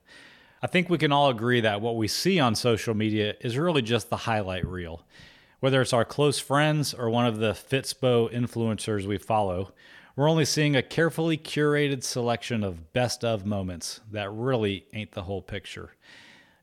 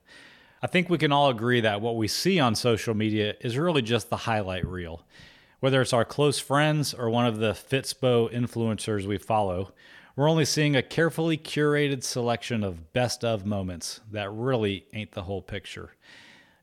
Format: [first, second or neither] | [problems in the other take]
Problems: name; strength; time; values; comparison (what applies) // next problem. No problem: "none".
neither | none